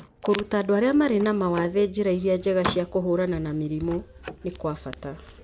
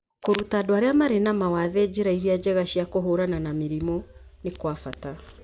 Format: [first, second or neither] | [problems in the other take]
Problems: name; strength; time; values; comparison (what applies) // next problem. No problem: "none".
second | background sound (Slam); 15 dB below the speech